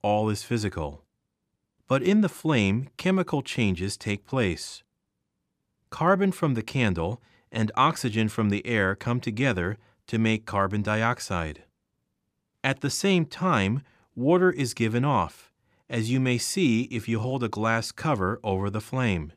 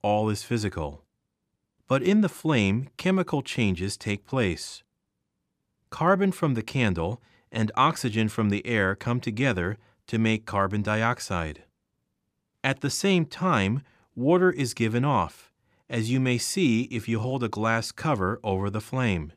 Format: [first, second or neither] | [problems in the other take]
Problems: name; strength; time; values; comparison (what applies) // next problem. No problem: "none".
neither | none